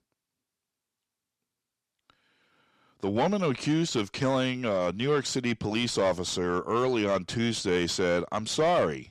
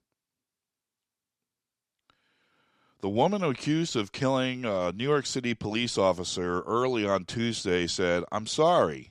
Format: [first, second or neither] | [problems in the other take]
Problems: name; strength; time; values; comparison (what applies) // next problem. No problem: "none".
second | distortion; slight; 10 dB below the speech